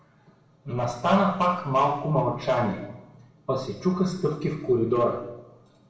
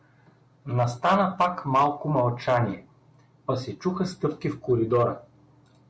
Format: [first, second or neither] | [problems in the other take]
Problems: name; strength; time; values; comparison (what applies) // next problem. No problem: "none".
second | room echo; dies away in 0.8 s